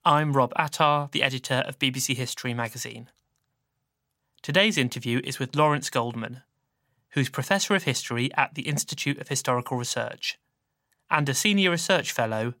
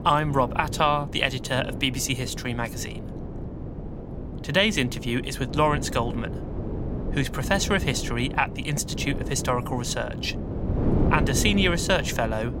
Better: first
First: none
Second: wind noise on the microphone; occasional gusts; 10 dB below the speech

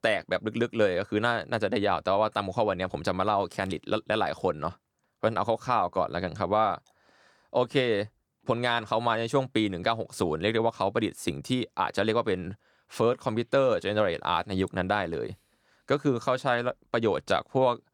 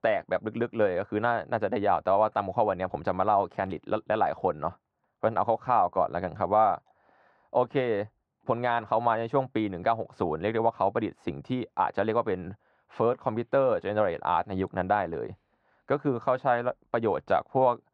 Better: first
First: none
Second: muffled; very; fading above 2 kHz

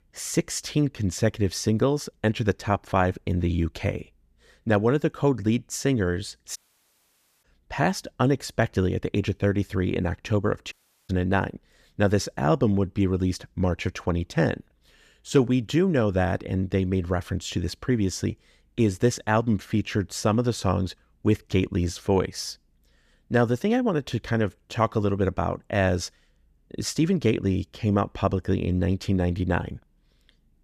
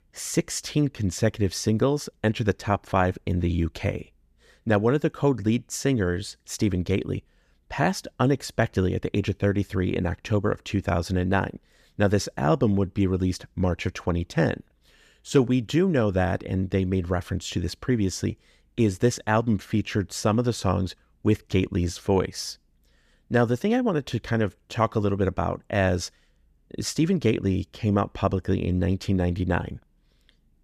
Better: second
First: audio cutting out; at 6.5 s for 1 s and at 11 s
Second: none

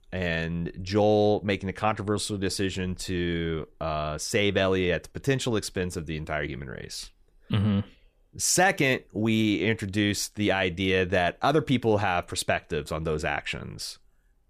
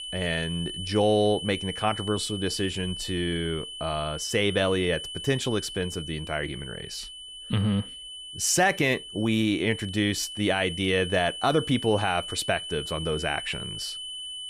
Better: first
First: none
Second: high-pitched whine; loud; throughout; 3 kHz, 8 dB below the speech

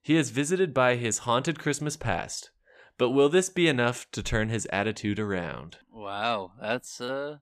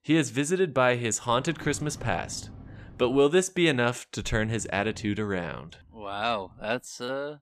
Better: first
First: none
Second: low rumble; faint; from 1.5 to 3 s and from 4.5 to 6.5 s; 25 dB below the speech

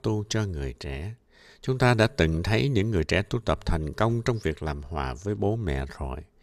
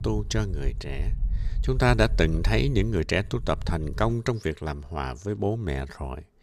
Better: first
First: none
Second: low rumble; faint; until 4 s; 25 dB below the speech

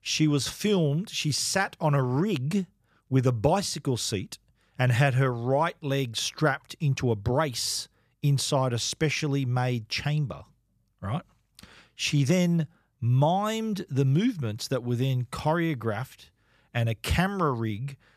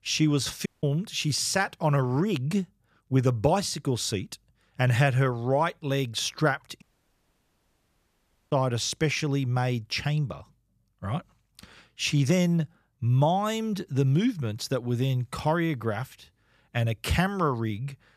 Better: first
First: none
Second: audio cutting out; at 0.5 s and at 7 s for 1.5 s

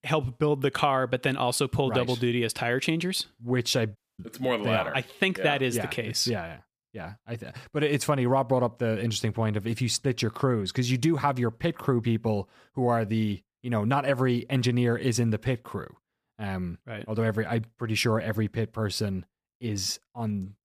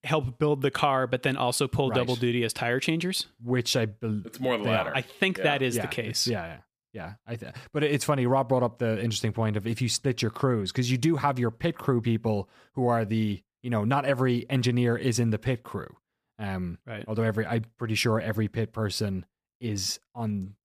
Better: second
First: audio cutting out; at 4 s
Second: none

